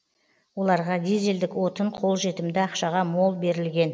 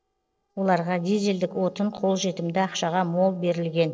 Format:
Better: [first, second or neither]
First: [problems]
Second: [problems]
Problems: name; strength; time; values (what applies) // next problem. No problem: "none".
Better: first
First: none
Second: noise reduction (neural separator model SepFormer DNS4)